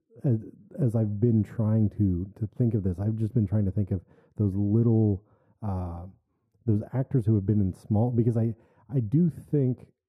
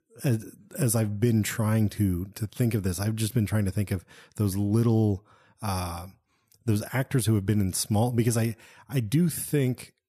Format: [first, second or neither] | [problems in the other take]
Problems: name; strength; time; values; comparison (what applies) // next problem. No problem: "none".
second | muffled; very; fading above 1.5 kHz